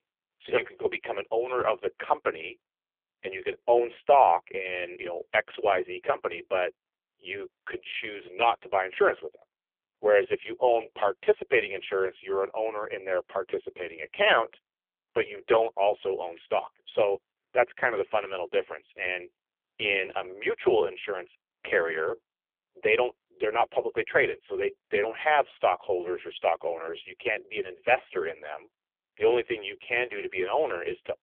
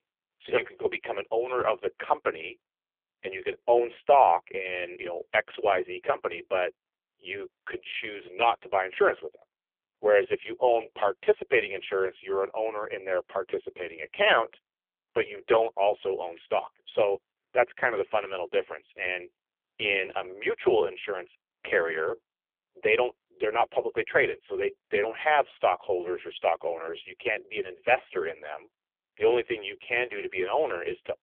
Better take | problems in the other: neither | phone-call audio; poor line; nothing above 3 kHz; the same in both

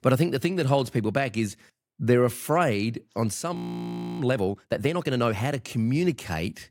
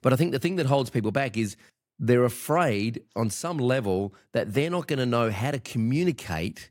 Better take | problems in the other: second | audio freezing; at 3.5 s for 0.5 s

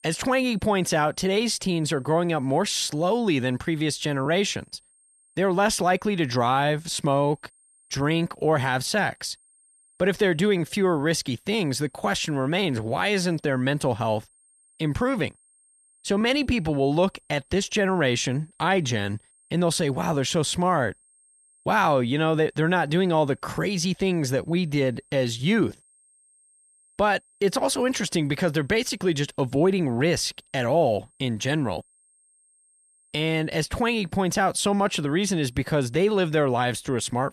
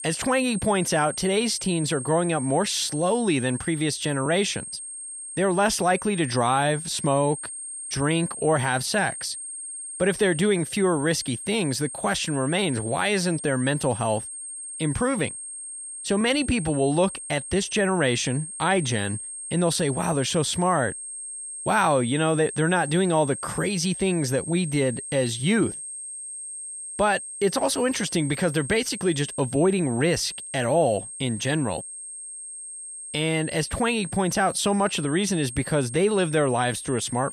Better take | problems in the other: first | high-pitched whine; loud; throughout; 8.5 kHz, 9 dB below the speech; faint in the first

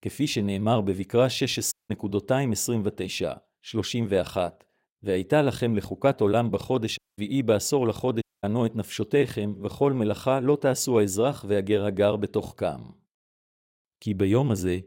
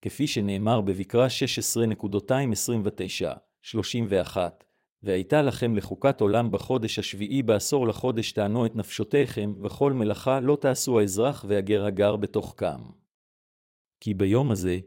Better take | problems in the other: second | audio cutting out; at 1.5 s, at 7 s and at 8 s

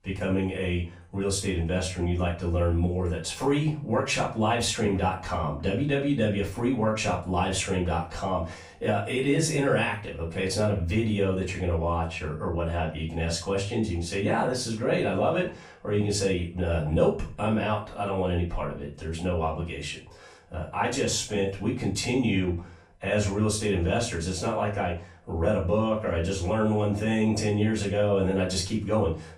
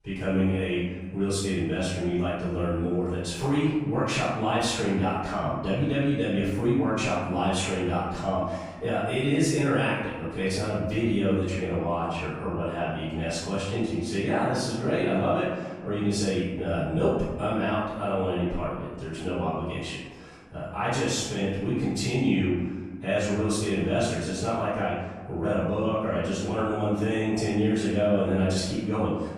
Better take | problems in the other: first | room echo; strong; dies away in 1.3 s; slight in the first // off-mic speech; far; far in the first

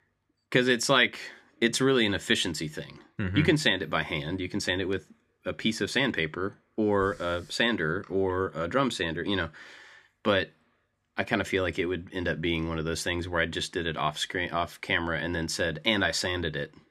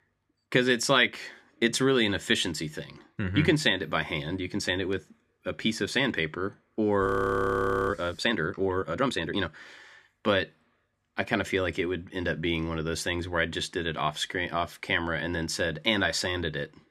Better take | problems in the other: first | audio freezing; at 7 s for 1 s

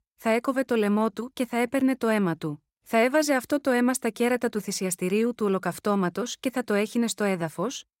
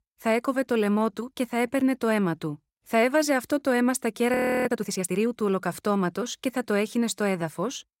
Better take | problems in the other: first | audio freezing; at 4.5 s

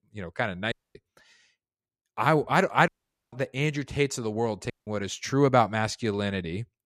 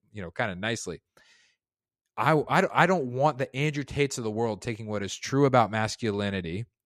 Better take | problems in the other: second | audio cutting out; at 0.5 s, at 3 s and at 4.5 s

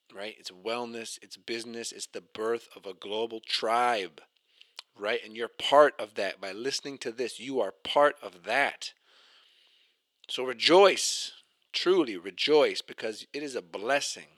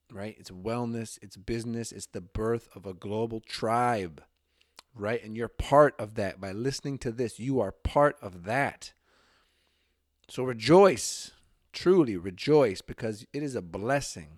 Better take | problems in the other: second | thin; somewhat; fading below 400 Hz

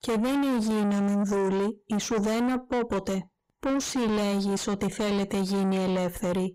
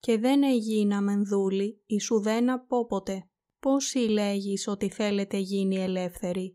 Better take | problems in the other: second | distortion; heavy; 6 dB below the speech

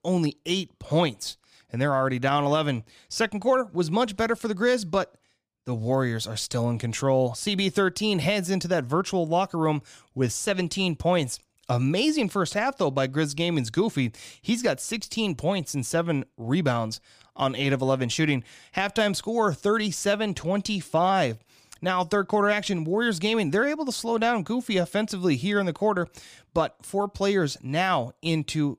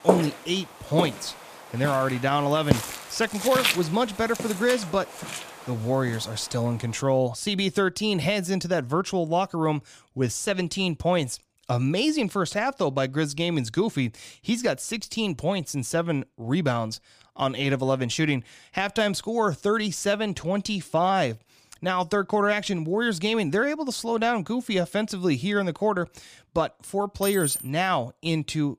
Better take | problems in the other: first | footsteps; loud; until 4.5 s; peak 3 dB above the speech // jangling keys; noticeable; at 27 s; peak 1 dB below the speech

